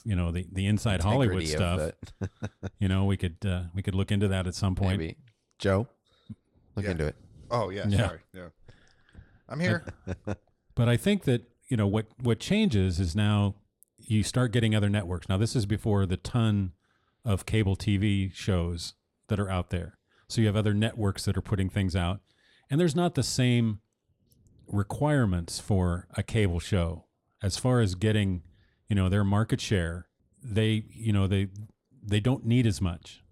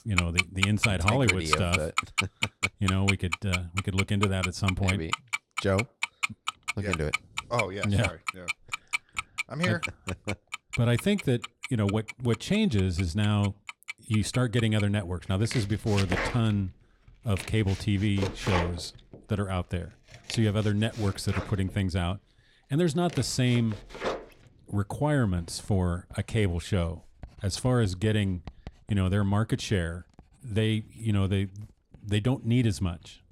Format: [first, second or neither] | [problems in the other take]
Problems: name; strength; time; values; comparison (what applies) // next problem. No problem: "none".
first | household noises; loud; throughout; 4 dB below the speech